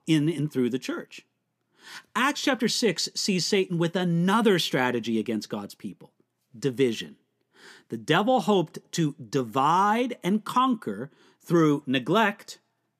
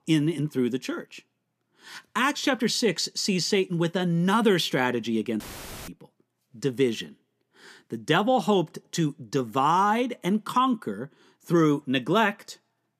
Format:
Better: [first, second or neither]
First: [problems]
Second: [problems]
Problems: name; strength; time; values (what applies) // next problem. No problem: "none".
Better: first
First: none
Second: audio cutting out; filled with static; at 5.5 s